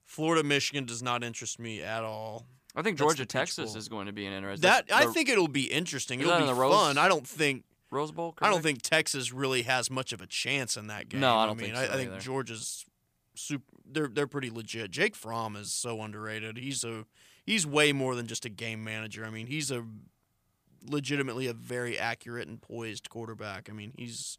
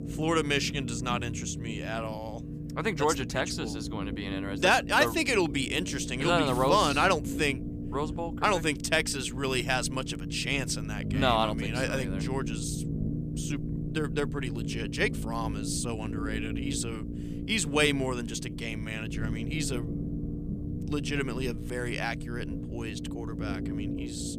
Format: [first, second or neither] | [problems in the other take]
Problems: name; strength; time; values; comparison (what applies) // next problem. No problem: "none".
first | low rumble; noticeable; throughout; 15 dB below the speech